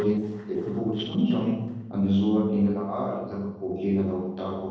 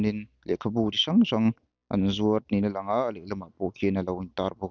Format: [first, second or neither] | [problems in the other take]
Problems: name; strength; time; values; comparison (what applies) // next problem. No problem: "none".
second | noise reduction (neural separator model SepFormer DNS4)